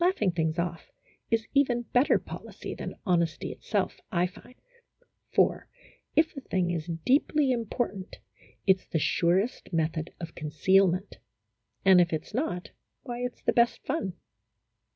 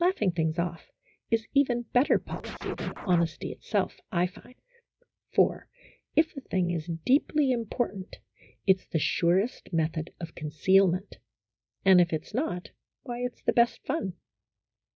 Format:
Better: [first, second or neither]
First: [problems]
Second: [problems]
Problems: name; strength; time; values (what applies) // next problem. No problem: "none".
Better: first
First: none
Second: noise reduction (neural mask model DeepFilterNet 3)